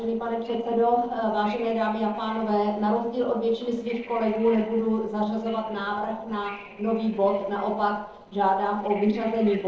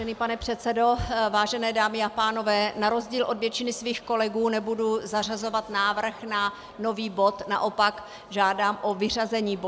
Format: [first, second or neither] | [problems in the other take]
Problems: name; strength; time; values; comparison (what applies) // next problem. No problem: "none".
second | noise reduction (neural separator model SepFormer DNS4)